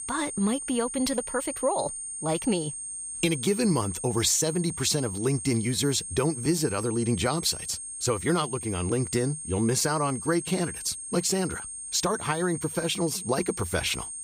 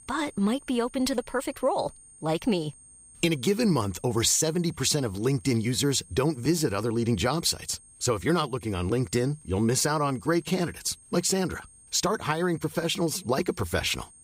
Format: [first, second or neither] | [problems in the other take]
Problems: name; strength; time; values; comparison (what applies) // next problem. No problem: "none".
second | high-pitched whine; loud; throughout; 8.5 kHz, 7 dB below the speech; faint in the second